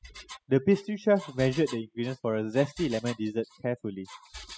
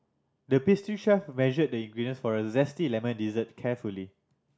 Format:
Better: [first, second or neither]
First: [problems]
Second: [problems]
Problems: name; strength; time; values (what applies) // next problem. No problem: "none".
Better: second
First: noise reduction (classical method spectral subtraction)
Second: none